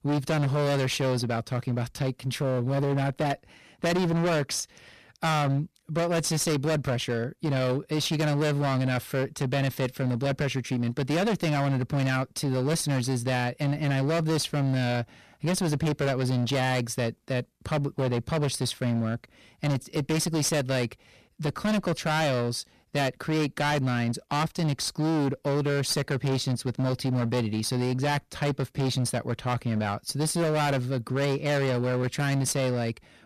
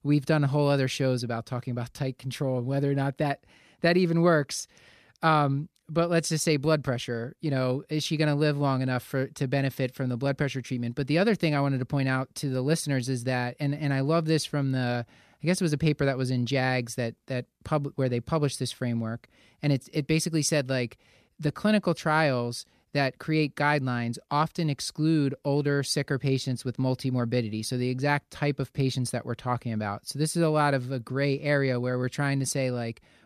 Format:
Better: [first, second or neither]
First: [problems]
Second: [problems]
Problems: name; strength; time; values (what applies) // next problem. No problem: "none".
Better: second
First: distortion; heavy; 26% of the sound clipped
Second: none